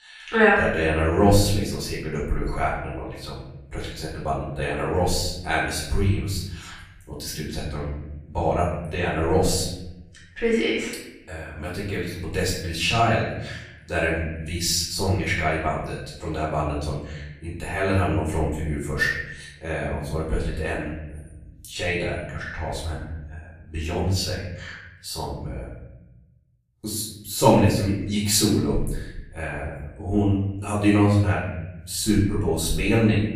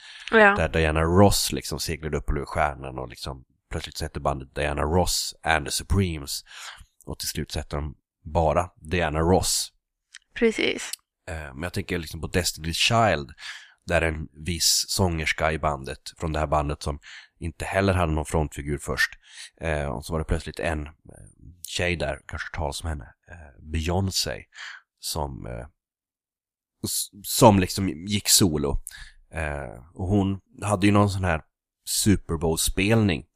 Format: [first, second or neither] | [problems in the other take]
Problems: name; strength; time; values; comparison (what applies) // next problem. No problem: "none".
second | off-mic speech; far // room echo; noticeable; dies away in 1 s